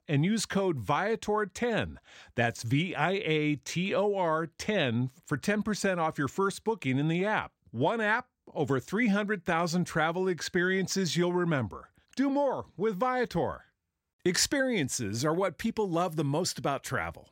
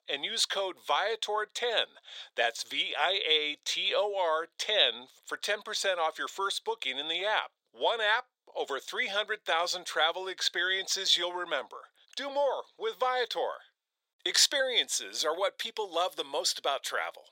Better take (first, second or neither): first